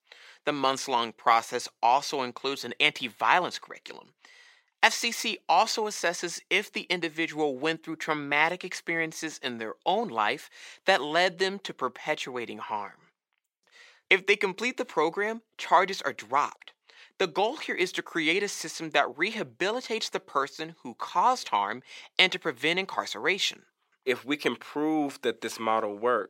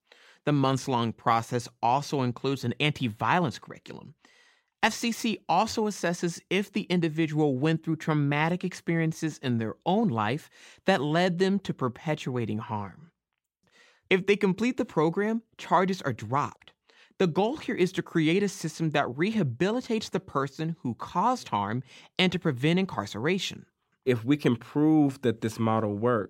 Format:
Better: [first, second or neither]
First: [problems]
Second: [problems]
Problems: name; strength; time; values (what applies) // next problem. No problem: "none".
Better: second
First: thin; somewhat; fading below 500 Hz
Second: none